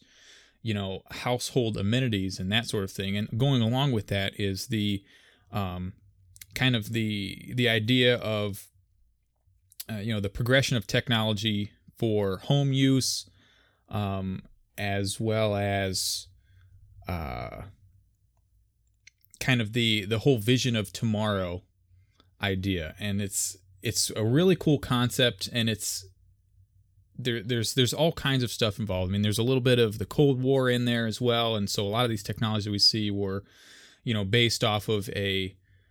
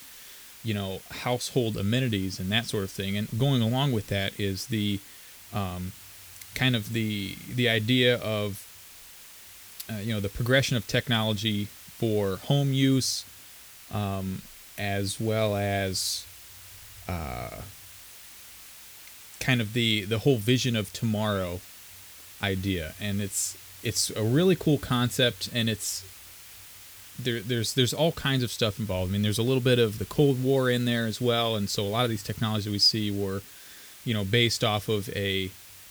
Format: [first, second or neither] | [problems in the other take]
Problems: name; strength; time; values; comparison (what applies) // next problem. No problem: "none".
first | hiss; noticeable; throughout; 15 dB below the speech